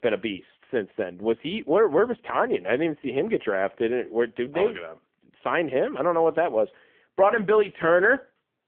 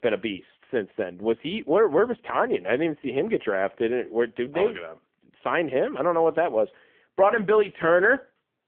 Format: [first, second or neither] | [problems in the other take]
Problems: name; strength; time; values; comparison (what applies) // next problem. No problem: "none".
neither | phone-call audio; poor line; nothing above 3.5 kHz; the same in both